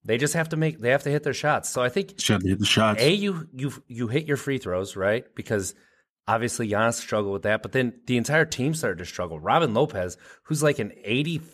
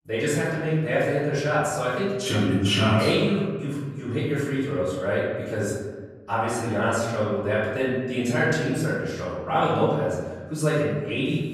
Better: first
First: none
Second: off-mic speech; far // room echo; noticeable; dies away in 1.3 s

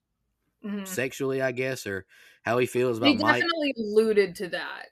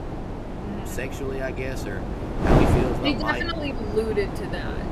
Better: first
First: none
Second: wind noise on the microphone; heavy; 2 dB below the speech

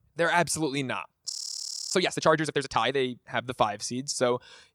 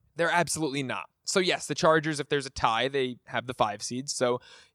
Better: second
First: audio freezing; at 1.5 s for 0.5 s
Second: none

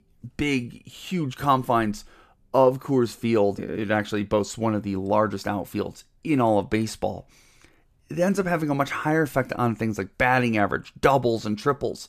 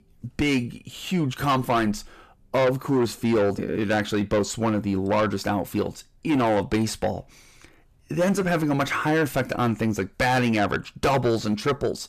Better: first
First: none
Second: distortion; heavy; 8 dB below the speech

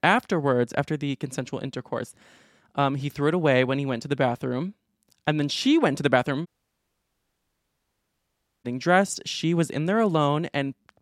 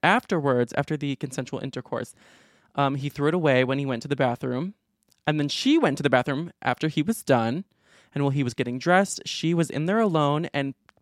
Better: second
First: audio cutting out; at 6.5 s for 2 s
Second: none

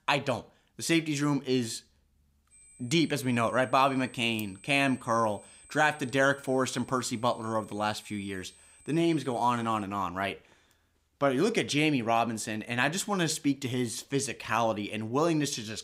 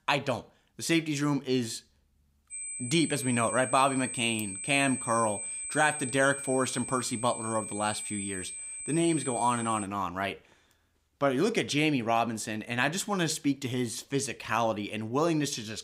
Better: first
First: high-pitched whine; faint; from 2.5 to 10 s; 8 kHz, 25 dB below the speech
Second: high-pitched whine; loud; from 2.5 to 10 s; 8 kHz, 6 dB below the speech

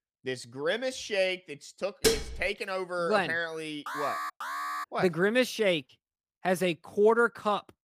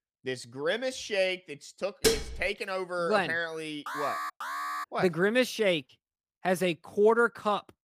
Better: neither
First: clattering dishes; loud; at 2 s; peak 2 dB above the speech // alarm; noticeable; at 4 s; peak 4 dB below the speech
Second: clattering dishes; loud; at 2 s; peak 2 dB above the speech // alarm; noticeable; at 4 s; peak 4 dB below the speech

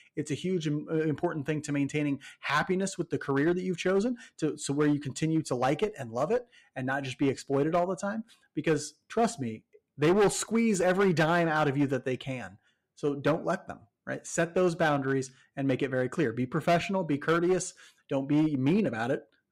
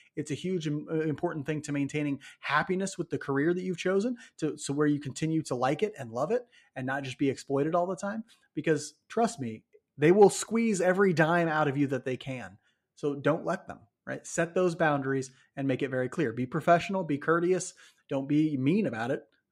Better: second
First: distortion; slight; 4% of the sound clipped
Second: none

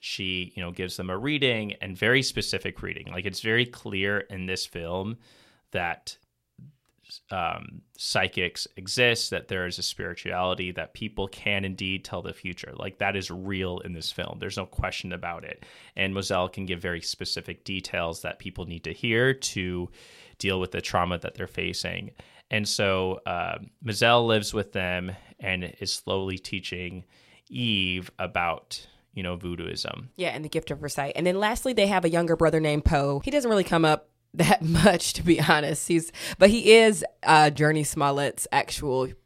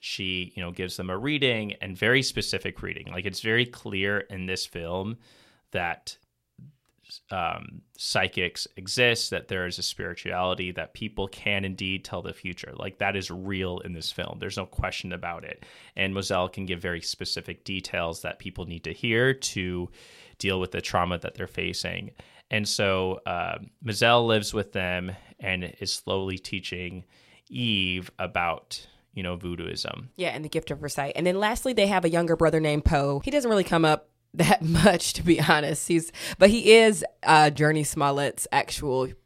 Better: neither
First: none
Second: none

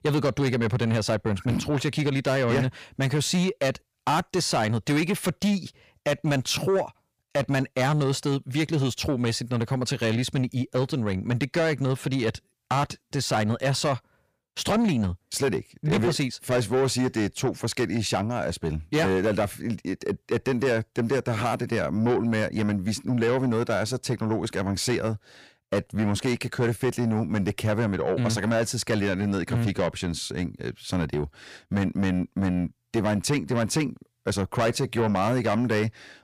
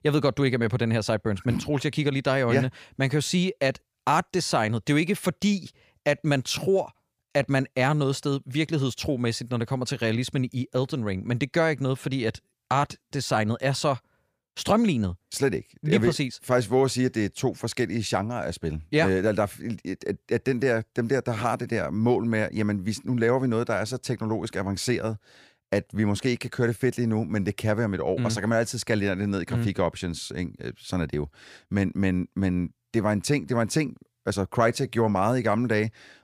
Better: second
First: distortion; slight; 10 dB below the speech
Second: none

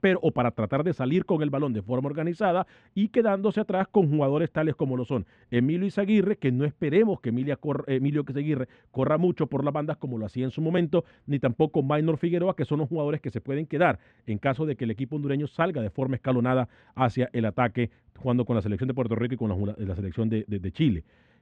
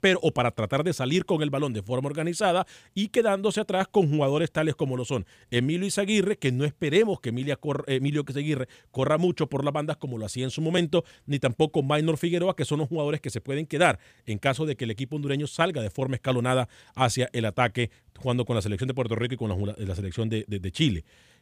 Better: second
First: muffled; very; fading above 2 kHz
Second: none

